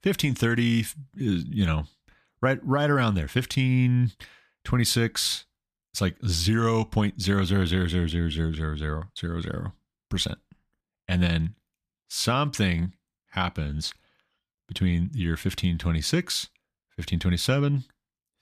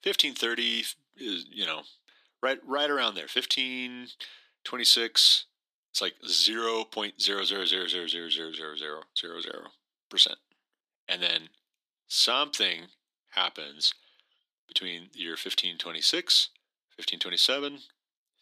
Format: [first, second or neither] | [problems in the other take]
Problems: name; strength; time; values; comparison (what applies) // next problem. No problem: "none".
first | thin; very; fading below 300 Hz